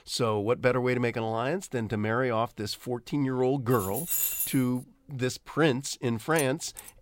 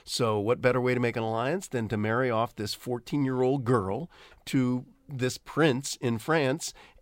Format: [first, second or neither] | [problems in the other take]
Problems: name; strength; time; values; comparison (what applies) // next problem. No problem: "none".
second | jangling keys; loud; at 3.5 s; peak 3 dB above the speech // jangling keys; noticeable; at 6.5 s; peak 9 dB below the speech